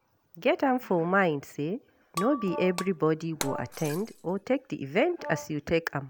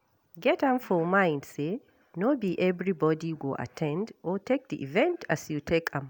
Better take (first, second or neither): second